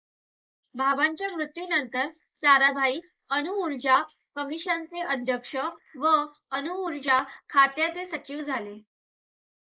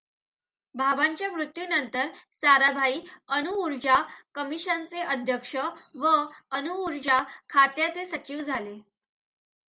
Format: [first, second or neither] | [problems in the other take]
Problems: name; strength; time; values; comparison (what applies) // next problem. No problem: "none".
second | noise reduction (neural mask model Resemble Enhance denoiser)